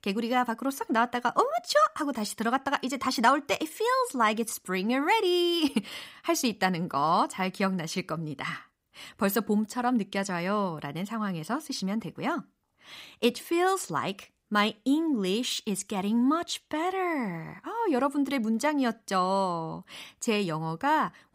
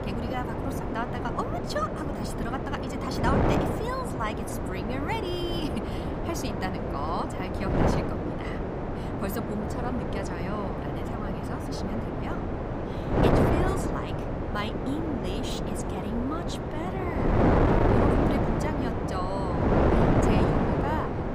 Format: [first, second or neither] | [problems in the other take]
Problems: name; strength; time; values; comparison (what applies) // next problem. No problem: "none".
first | wind noise on the microphone; heavy; 4 dB above the speech